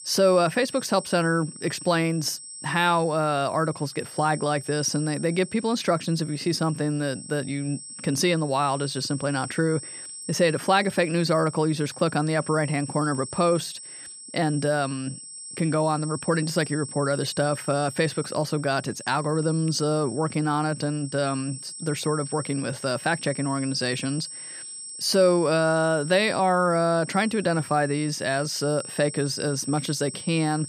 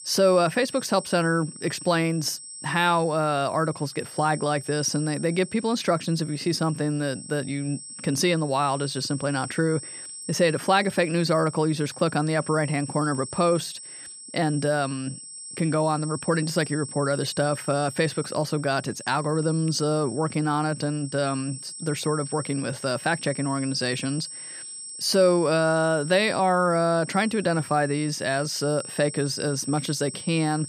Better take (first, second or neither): neither